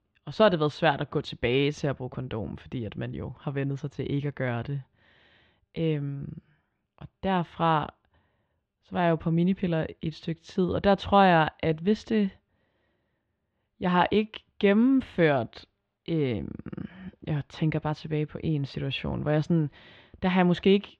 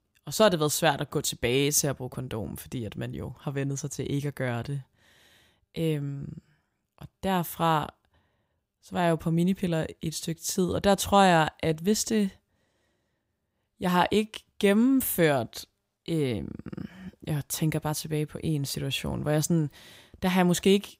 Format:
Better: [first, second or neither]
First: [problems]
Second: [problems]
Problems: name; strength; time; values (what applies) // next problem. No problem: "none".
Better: second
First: muffled; very; fading above 3.5 kHz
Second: none